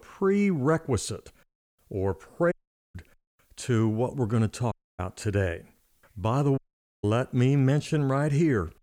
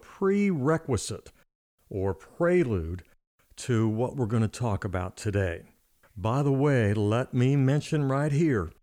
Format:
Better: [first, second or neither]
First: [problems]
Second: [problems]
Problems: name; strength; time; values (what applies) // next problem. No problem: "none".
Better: second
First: audio cutting out; at 2.5 s, at 4.5 s and at 6.5 s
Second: none